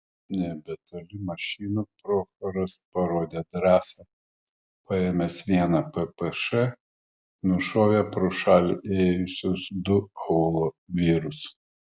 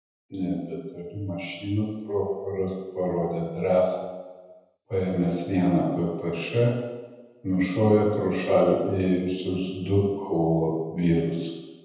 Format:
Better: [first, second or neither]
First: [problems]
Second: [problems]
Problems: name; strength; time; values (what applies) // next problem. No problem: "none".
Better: first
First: none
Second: room echo; dies away in 1.1 s